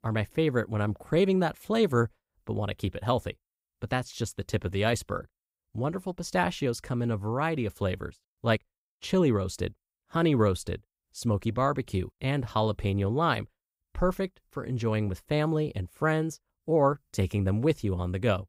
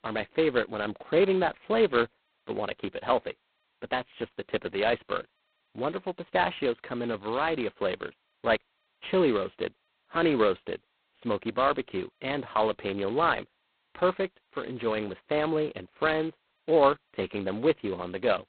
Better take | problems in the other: first | phone-call audio; poor line; nothing above 4 kHz

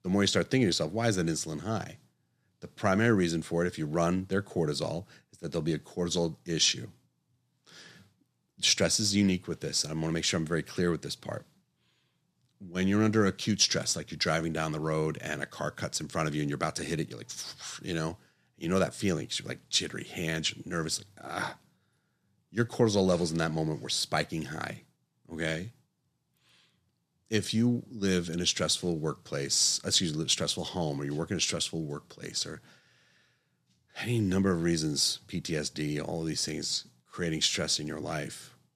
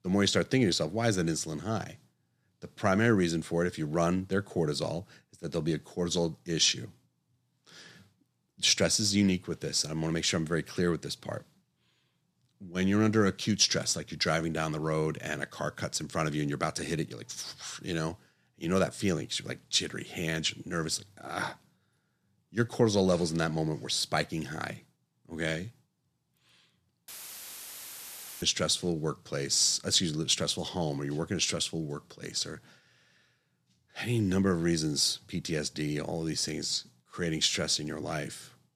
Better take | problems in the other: first | audio cutting out; filled with static; at 27 s for 1.5 s

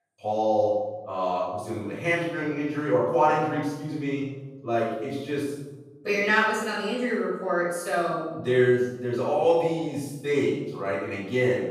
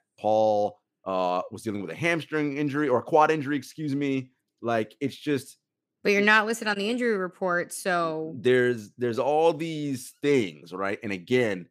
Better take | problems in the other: second | room echo; strong; dies away in 1 s // off-mic speech; far

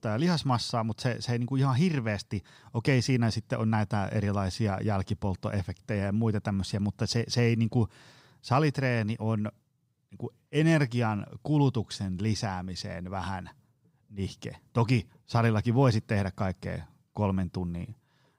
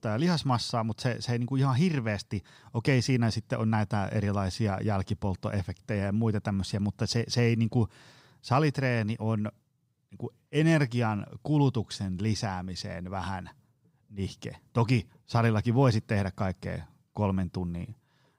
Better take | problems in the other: neither | none

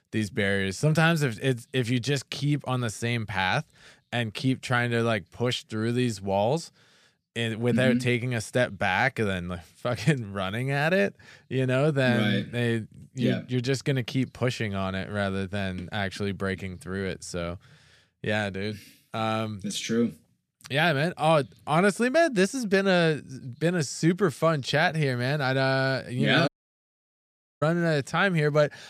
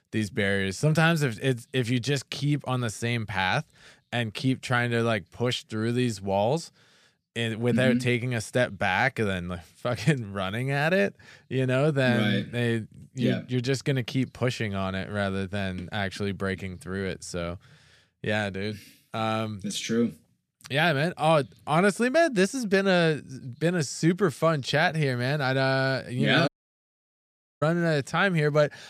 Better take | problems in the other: neither | audio cutting out; at 26 s for 1 s; the same in both

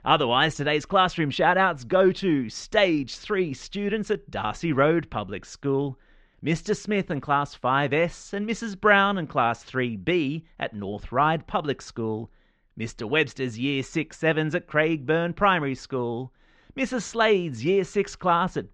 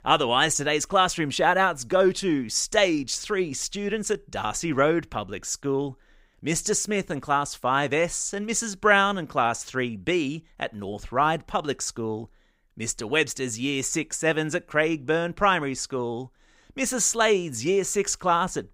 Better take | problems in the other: second | muffled; slightly; fading above 4 kHz

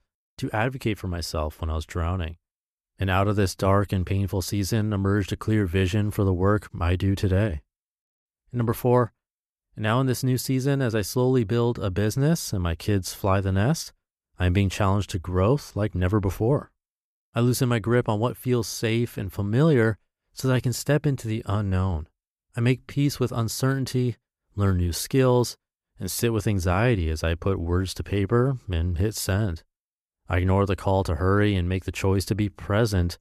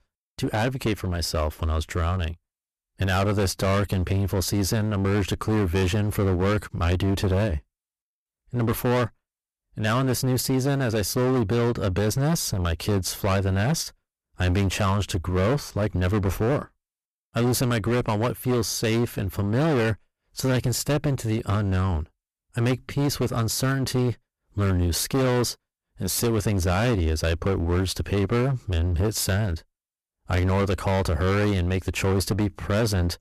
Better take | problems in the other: first | distortion; heavy; 22% of the sound clipped

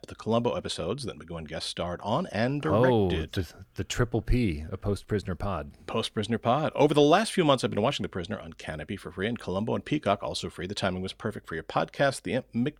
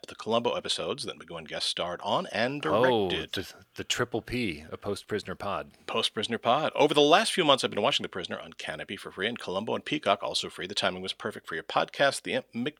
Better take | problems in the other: first | thin; very slightly; fading below 1 kHz

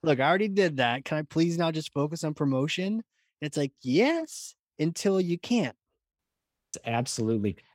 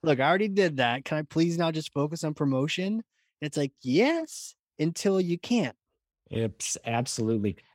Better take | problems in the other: second | audio cutting out; at 6 s for 0.5 s

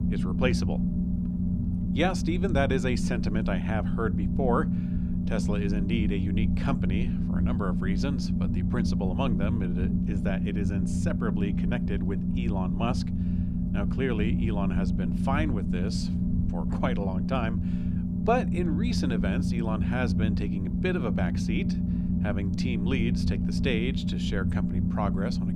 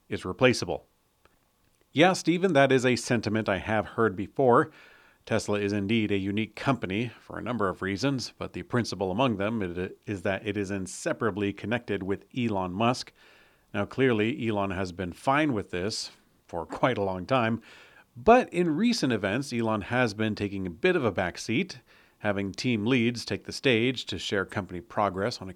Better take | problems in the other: second | low rumble; loud; throughout; 3 dB below the speech

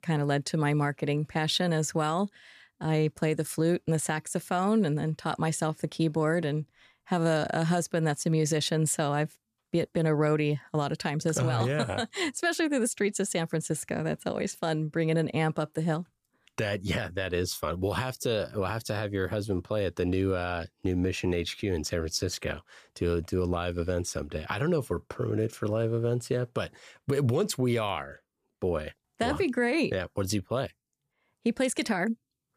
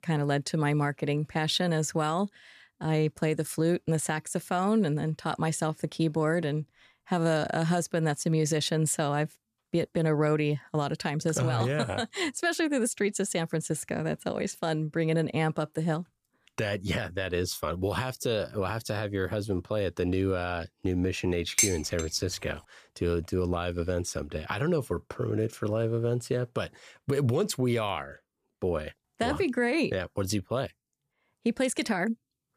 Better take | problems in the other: first | clattering dishes; loud; at 22 s; peak 4 dB above the speech

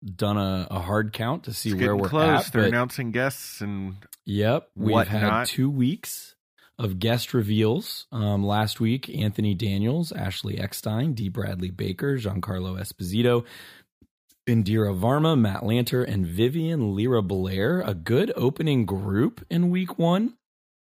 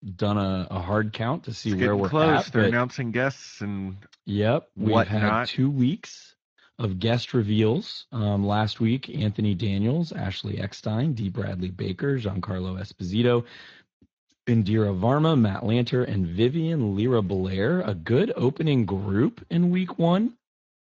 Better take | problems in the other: first | garbled, watery; slightly

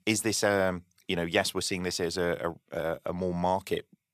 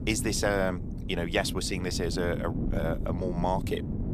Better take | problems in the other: first | wind noise on the microphone; occasional gusts; 10 dB below the speech

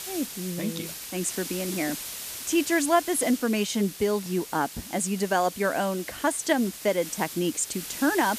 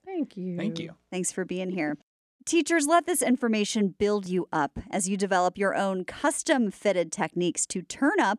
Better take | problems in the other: second | hiss; loud; throughout; 9 dB below the speech

